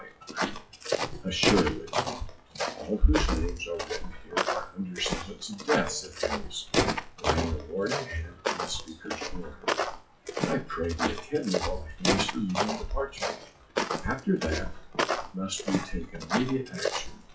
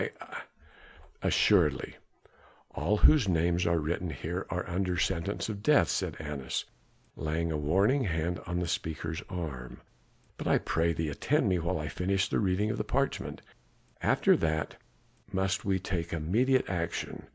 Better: second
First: noise reduction (classical method WPE with log-MMSE)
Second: none

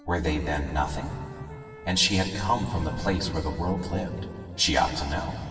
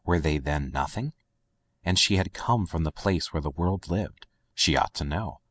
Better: second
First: background sound (Wind instrument, woodwind instrument); 19 dB below the speech // room echo; dies away in 2.6 s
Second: none

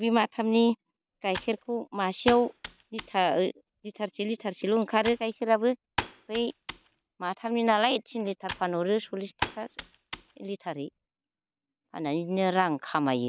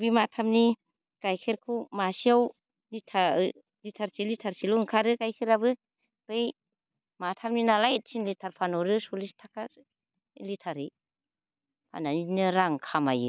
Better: second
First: background sound (Computer keyboard); 12 dB below the speech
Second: none

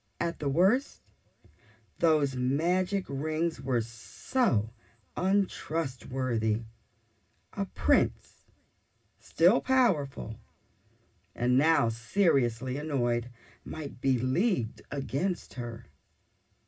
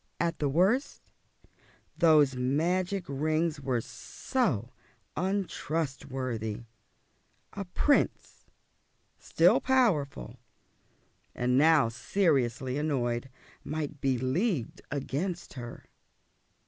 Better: second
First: room echo; dies away in 0.4 s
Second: none

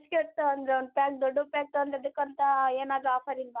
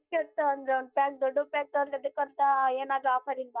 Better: first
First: none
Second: noise reduction (neural mask model DeepFilterNet 3)

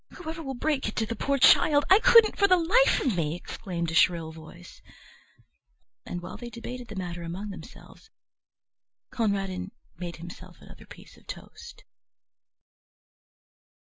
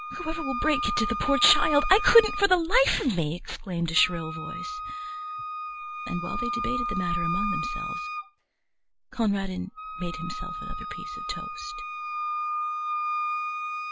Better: first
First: none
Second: background sound (Wind instrument, woodwind instrument); 4 dB below the speech

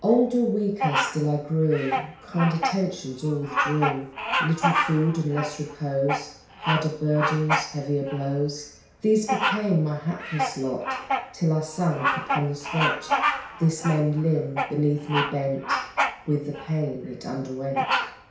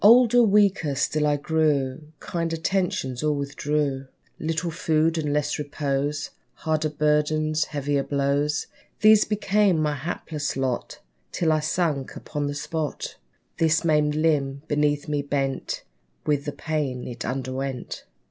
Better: second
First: background sound (Bird vocalization, bird call, bird song); 4 dB below the speech // room echo; dies away in 0.6 s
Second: none

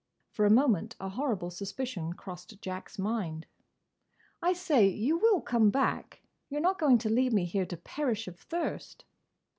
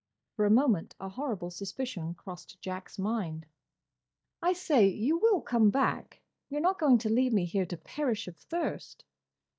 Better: first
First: none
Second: noise reduction (neural mask model DeepFilterNet 3)

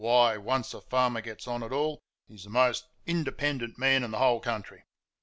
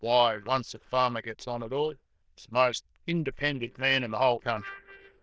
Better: first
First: none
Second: noise reduction (neural diffusion model UNIVERSE++)

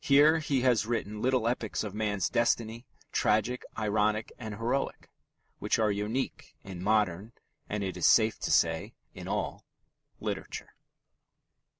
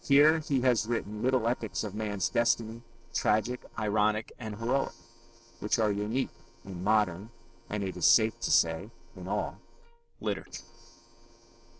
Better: first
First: none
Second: noise reduction (neural separator model SepFormer DNS4)

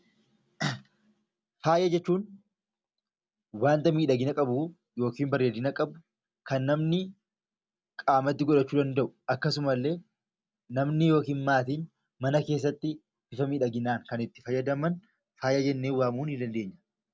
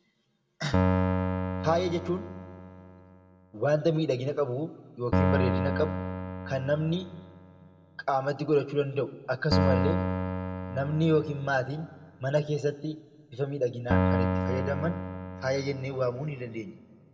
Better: first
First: none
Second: background sound (Keyboard (musical)); 1 dB below the speech // room echo; dies away in 1.1 s

